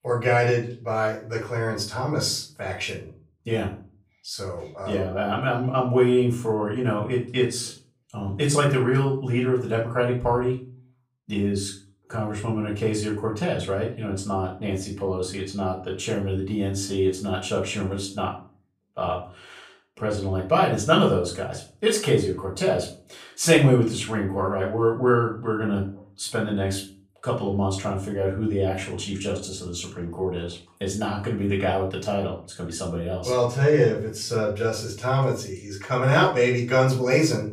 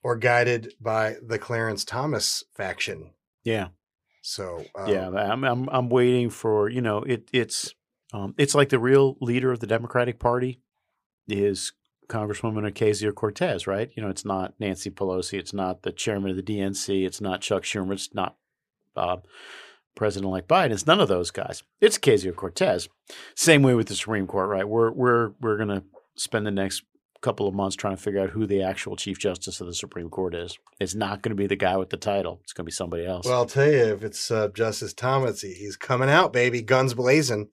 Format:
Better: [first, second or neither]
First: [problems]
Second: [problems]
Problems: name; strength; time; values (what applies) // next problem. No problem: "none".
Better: second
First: off-mic speech; far // room echo; slight; dies away in 0.4 s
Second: none